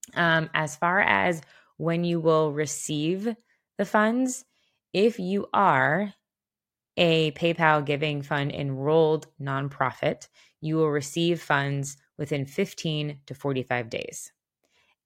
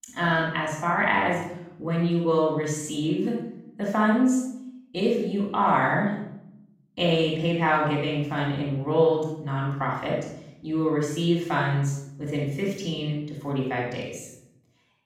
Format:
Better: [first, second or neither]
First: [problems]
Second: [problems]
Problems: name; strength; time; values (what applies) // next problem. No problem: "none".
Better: first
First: none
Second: off-mic speech; far // room echo; noticeable; dies away in 0.7 s